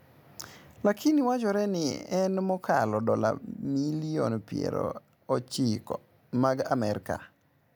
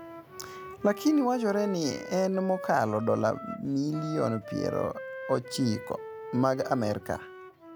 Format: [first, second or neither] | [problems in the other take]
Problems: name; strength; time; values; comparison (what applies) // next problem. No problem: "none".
first | background sound (Wind instrument, woodwind instrument); 12 dB below the speech